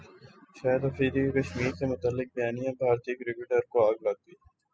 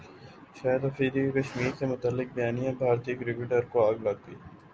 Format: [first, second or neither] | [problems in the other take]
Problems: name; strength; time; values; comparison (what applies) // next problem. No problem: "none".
second | noise reduction (classical method spectral subtraction)